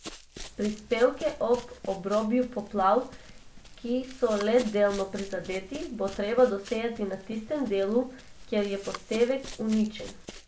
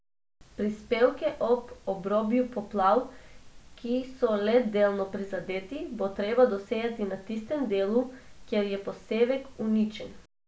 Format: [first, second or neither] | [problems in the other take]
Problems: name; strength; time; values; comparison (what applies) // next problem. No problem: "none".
second | background sound (Run); 17 dB below the speech